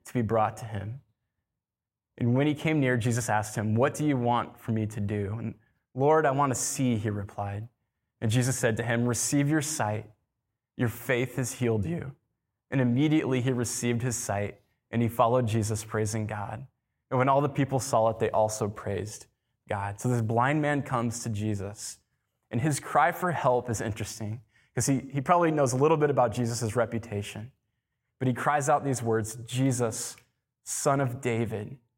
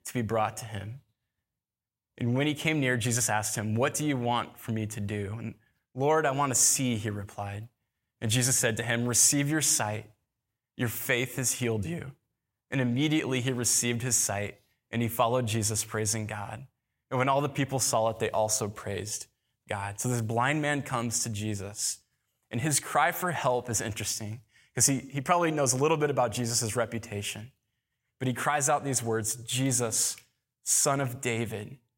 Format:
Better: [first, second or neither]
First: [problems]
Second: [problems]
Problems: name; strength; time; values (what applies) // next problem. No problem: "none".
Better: second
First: muffled; slightly; fading above 2 kHz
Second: none